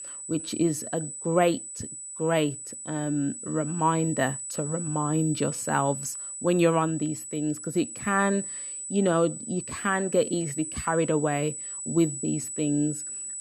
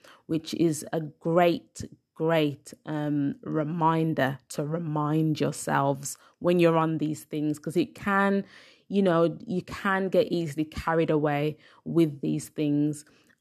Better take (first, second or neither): second